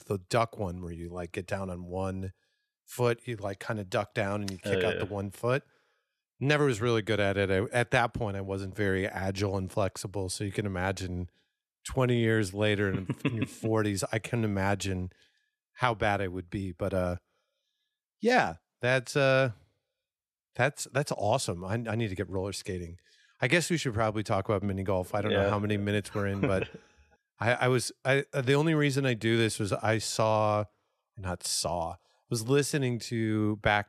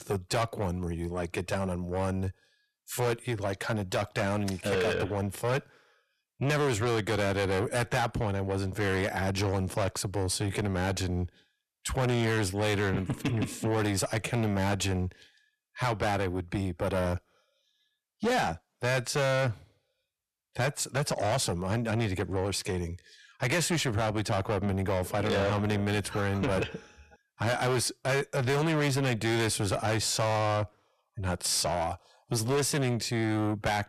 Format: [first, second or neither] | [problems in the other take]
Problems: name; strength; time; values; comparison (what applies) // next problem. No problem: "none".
first | distortion; heavy; 6 dB below the speech